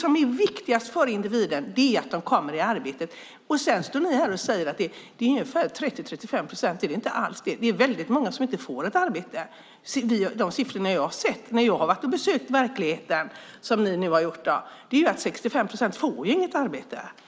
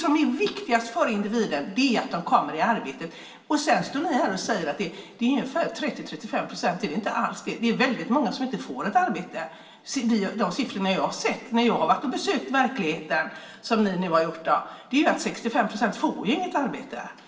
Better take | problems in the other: first | room echo; dies away in 0.7 s

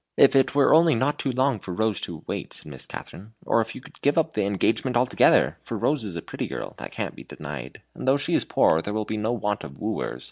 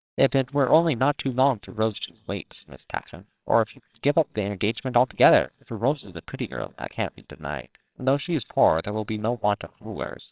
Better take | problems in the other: first | noise reduction (neural separator model SepFormer WHAMR!)

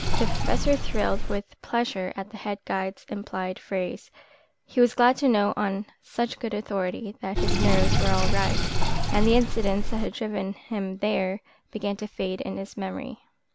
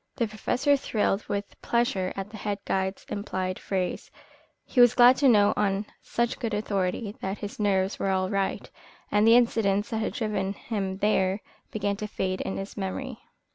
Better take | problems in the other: second | background sound (Sink (filling or washing)); 1 dB above the speech

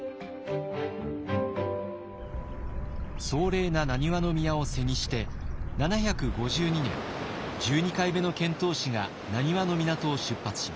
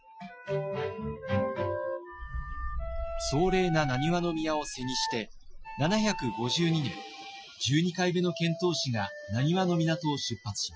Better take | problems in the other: first | noise reduction (classical method Wiener filter)

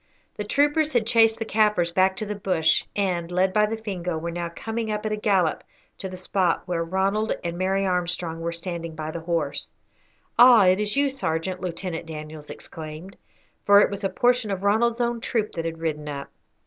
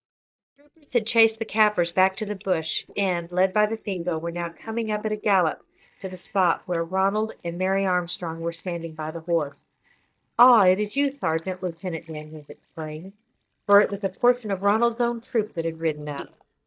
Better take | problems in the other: first | noise reduction (neural mask model DeepFilterNet 3)

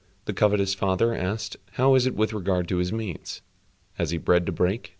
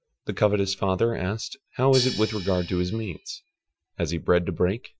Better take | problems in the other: first | noise reduction (classical method Wiener filter)

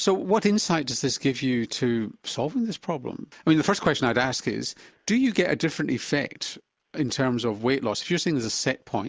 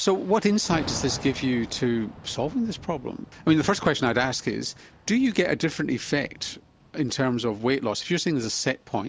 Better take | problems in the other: first | background sound (Thunder / Rain); 17 dB below the speech

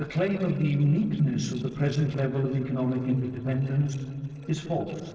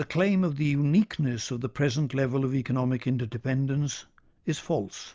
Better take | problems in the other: second | noise reduction (neural separator model SepFormer DNS4)

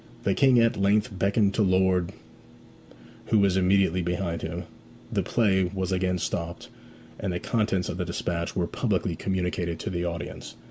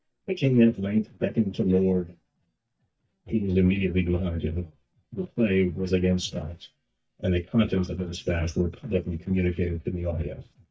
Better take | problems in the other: first | noise reduction (neural mask model DeepFilterNet 3)

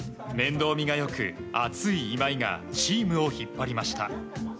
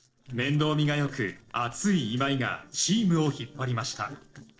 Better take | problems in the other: first | noise reduction (neural separator model SepFormer DNS4)

